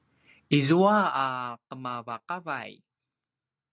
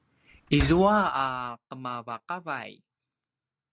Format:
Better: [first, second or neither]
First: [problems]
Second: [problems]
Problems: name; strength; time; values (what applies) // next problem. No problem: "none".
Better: first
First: none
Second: background sound (Slam); 7 dB below the speech